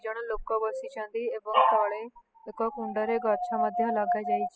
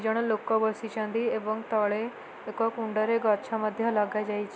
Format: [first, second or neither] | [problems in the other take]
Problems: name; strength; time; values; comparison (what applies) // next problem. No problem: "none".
second | noise reduction (classical method spectral subtraction)